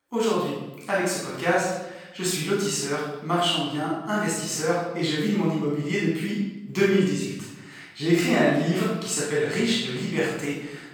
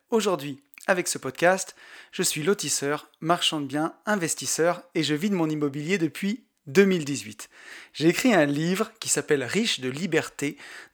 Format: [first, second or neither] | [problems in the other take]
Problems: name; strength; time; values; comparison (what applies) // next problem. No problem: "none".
second | off-mic speech; far // room echo; strong; dies away in 0.9 s